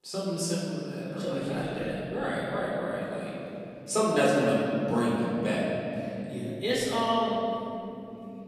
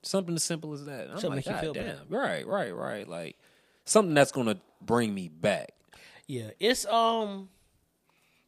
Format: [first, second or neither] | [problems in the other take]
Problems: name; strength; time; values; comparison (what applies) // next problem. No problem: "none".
second | off-mic speech; far // room echo; strong; dies away in 3 s